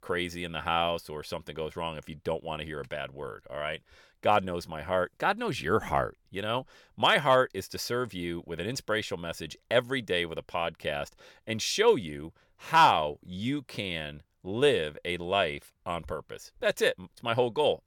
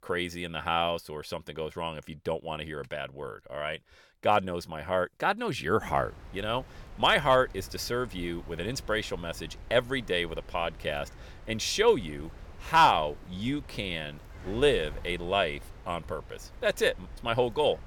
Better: first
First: none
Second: wind noise on the microphone; occasional gusts; from 6 s on; 25 dB below the speech

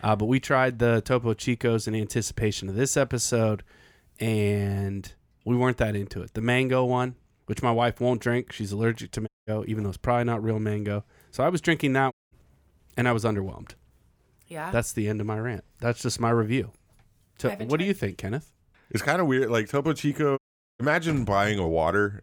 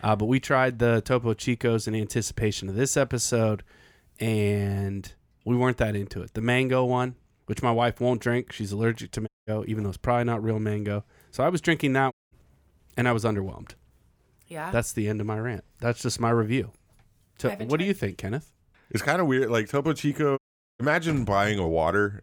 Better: neither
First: audio cutting out; at 9.5 s, at 12 s and at 20 s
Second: audio cutting out; at 9.5 s, at 12 s and at 20 s

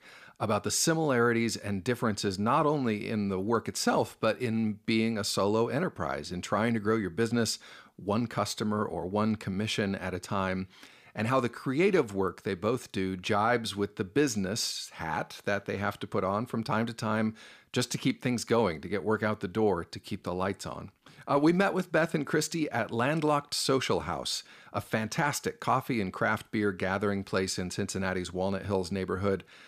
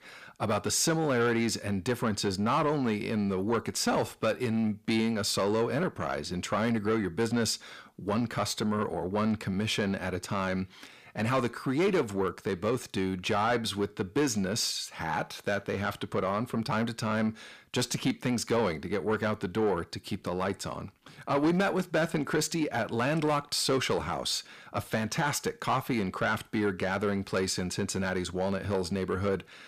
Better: first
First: none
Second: distortion; slight; 10 dB below the speech

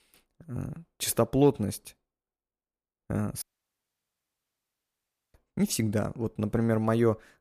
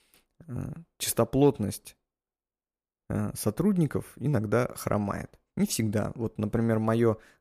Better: second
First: audio cutting out; at 3.5 s for 2 s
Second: none

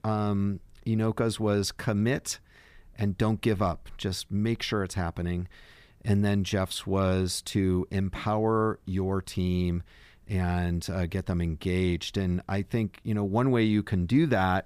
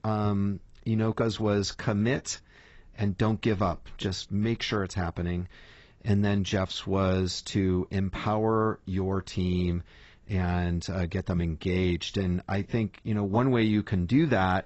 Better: first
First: none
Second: garbled, watery; badly; nothing above 8 kHz

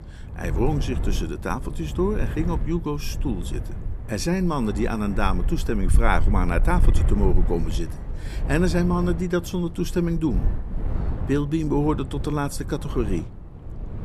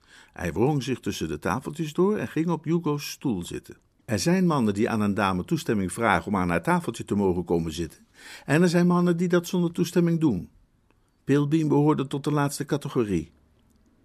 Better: second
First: wind noise on the microphone; occasional gusts; 15 dB below the speech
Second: none

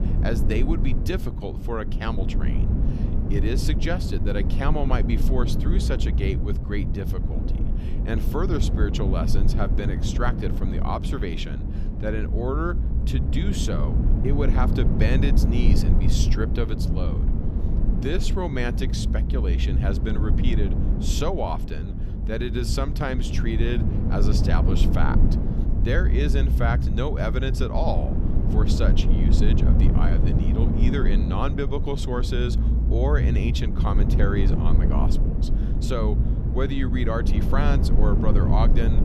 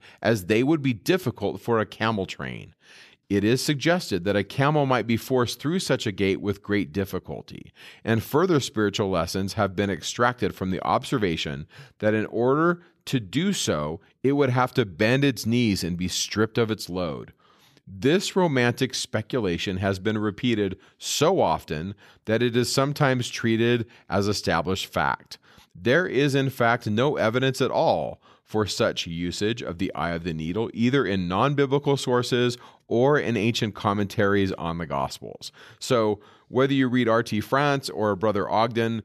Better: second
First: low rumble; loud; throughout; 5 dB below the speech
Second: none

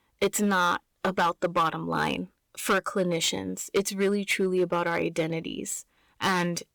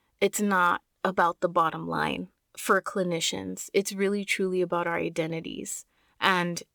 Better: second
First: distortion; slight; 5% of the sound clipped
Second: none

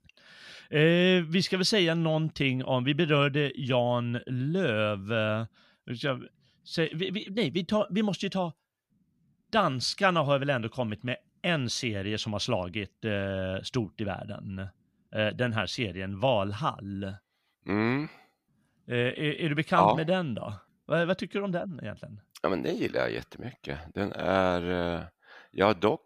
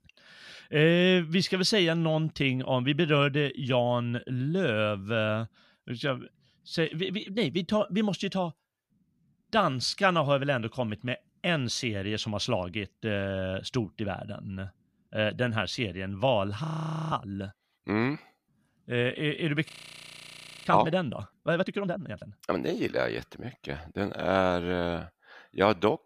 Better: first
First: none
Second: audio freezing; at 17 s and at 20 s for 1 s

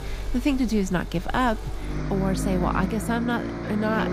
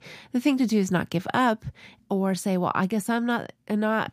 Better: second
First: traffic noise; loud; throughout; 5 dB below the speech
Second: none

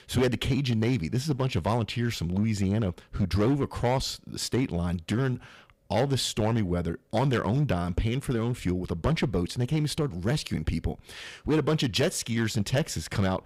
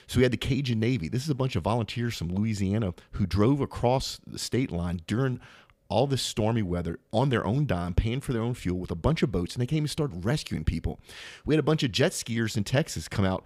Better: second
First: distortion; slight; 6% of the sound clipped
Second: none

